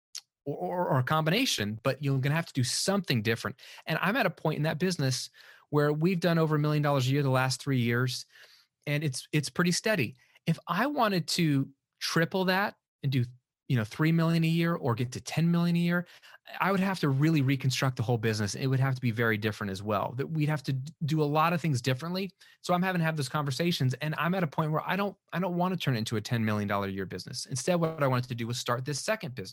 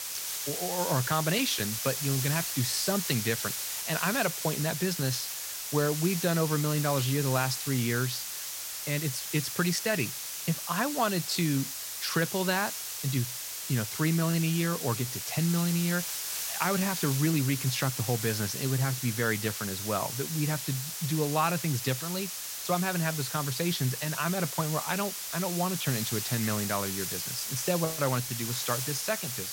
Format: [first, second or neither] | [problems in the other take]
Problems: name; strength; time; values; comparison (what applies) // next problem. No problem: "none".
first | hiss; loud; throughout; 3 dB below the speech